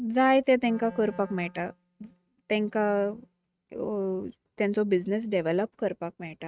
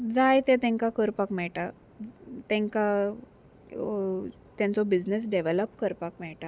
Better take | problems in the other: second | noise reduction (neural mask model RNNoise)

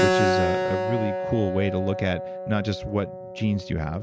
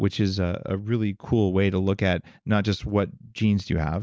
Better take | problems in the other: second | background sound (Keyboard (musical)); as loud as the speech

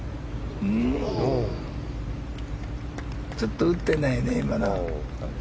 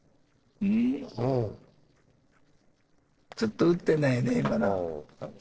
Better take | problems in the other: first | noise reduction (neural separator model SepFormer DNS4)

